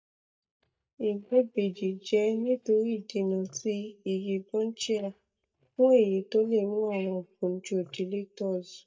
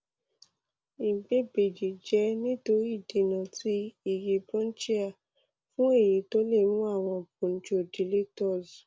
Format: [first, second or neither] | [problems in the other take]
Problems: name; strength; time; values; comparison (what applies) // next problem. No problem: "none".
second | noise reduction (neural mask model DeepFilterNet 3)